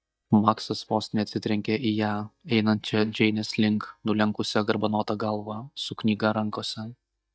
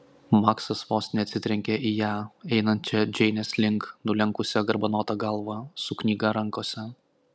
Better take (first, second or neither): second